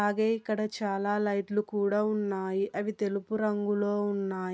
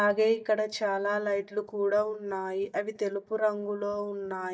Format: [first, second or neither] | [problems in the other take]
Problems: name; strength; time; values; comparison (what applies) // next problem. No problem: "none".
first | noise reduction (neural mask model DeepFilterNet 3)